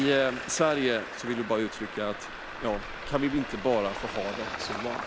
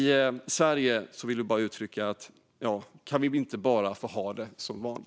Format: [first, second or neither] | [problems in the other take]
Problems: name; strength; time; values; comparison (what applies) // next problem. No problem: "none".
second | background sound (Traffic noise, roadway noise); 8 dB below the speech